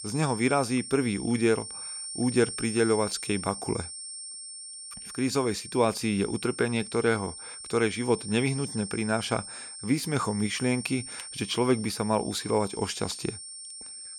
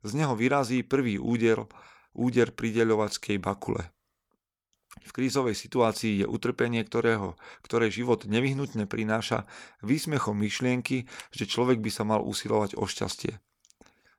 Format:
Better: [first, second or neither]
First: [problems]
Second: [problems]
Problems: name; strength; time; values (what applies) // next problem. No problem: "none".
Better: second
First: high-pitched whine; loud; throughout; 9 kHz, 9 dB below the speech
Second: none